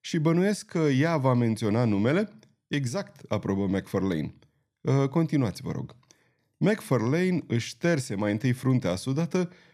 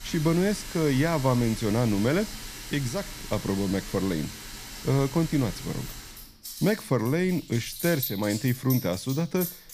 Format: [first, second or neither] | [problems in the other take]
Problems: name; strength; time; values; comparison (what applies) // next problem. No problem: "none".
first | household noises; noticeable; throughout; 10 dB below the speech